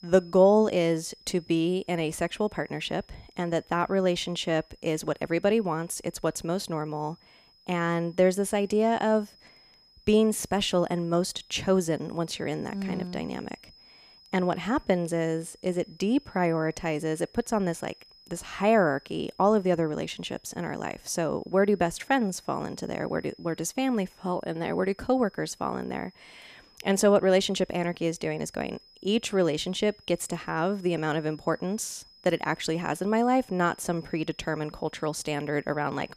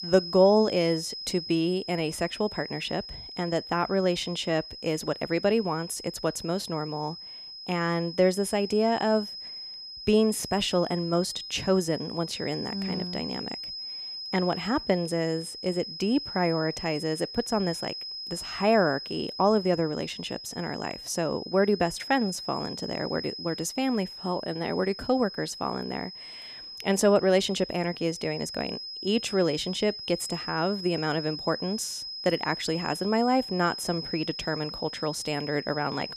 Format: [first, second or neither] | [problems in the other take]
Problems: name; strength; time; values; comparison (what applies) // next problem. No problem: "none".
first | high-pitched whine; loud; throughout; 5 kHz, 9 dB below the speech; faint in the first